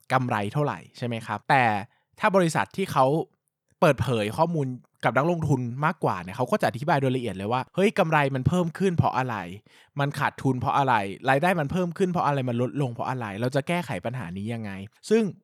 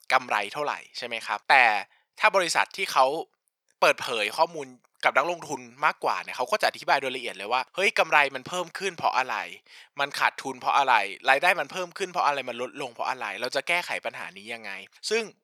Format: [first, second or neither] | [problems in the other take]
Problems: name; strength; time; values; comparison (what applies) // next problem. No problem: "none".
first | thin; very; fading below 600 Hz